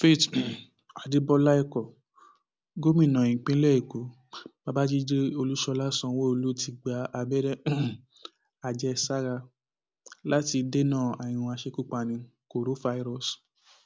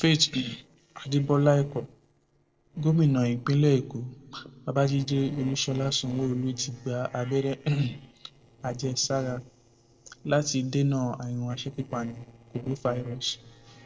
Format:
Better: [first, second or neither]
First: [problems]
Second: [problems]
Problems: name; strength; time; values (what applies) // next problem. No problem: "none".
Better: first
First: none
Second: noise reduction (neural separator model SepFormer DNS4)